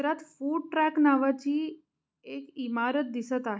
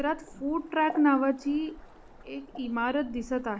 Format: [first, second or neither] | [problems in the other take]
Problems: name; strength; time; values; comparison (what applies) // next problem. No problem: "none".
first | background sound (Waves, surf); 17 dB below the speech